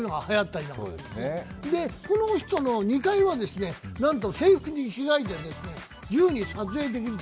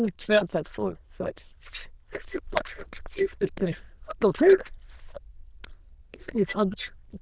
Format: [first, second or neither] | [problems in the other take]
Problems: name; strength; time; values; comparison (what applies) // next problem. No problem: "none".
first | noise reduction (neural diffusion model UNIVERSE++)